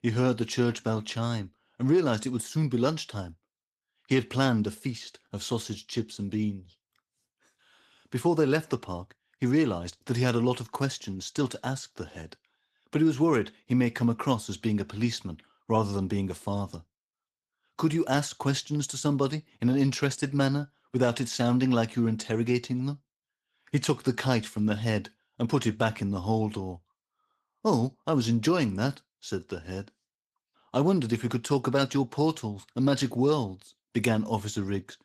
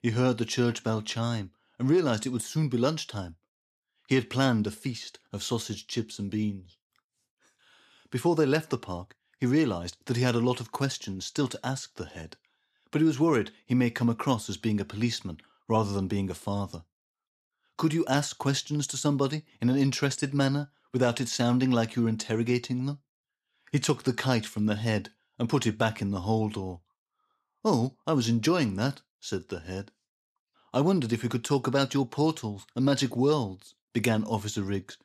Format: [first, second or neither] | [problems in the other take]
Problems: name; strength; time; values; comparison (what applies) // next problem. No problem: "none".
second | garbled, watery; slightly; nothing above 13.5 kHz